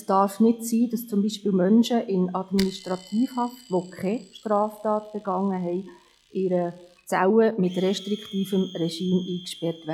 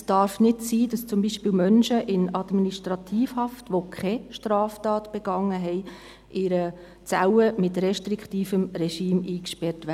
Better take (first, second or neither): second